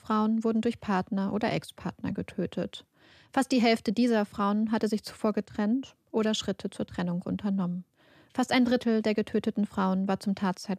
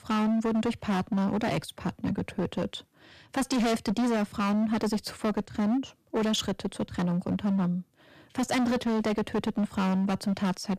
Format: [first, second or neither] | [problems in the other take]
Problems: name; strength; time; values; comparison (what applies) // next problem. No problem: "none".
first | distortion; heavy; 19% of the sound clipped